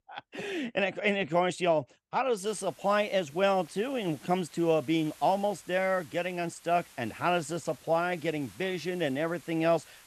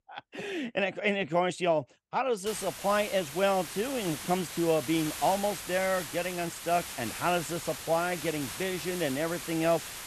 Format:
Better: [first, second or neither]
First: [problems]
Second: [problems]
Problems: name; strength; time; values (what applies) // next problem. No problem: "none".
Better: first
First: hiss; faint; from 2.5 s on; 25 dB below the speech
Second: hiss; loud; from 2.5 s on; 8 dB below the speech